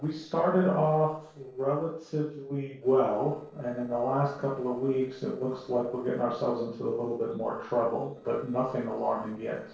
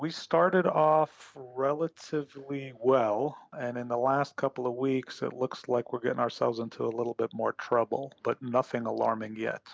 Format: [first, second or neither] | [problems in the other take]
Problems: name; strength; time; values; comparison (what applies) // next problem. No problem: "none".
second | noise reduction (neural separator model SepFormer DNS4)